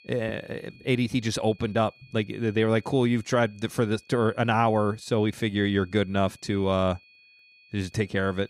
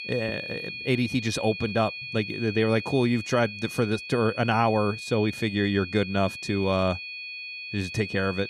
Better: first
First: high-pitched whine; faint; throughout; 2.5 kHz, 30 dB below the speech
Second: high-pitched whine; loud; throughout; 2.5 kHz, 9 dB below the speech

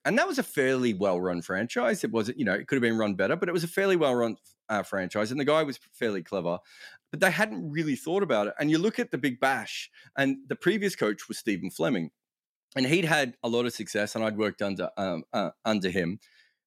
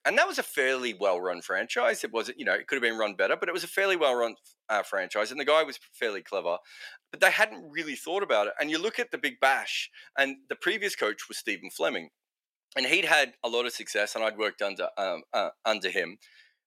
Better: first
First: none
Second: thin; very; fading below 600 Hz

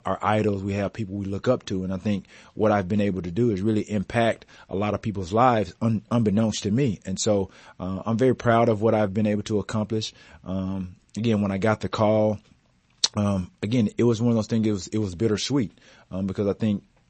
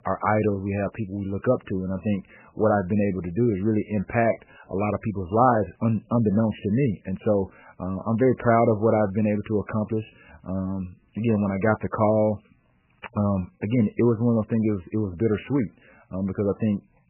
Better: first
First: garbled, watery; slightly; nothing above 8 kHz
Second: garbled, watery; badly; nothing above 3 kHz

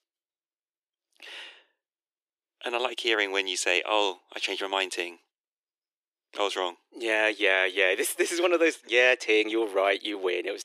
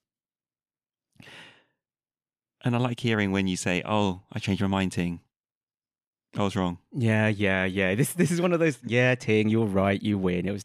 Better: second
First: thin; very; fading below 350 Hz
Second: none

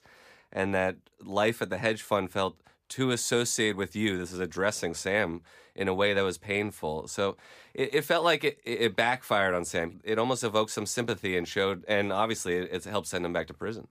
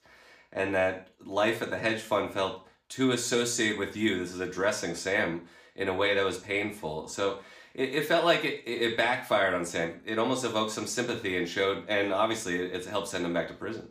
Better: first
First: none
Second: room echo; slight; dies away in 0.4 s // off-mic speech; somewhat distant

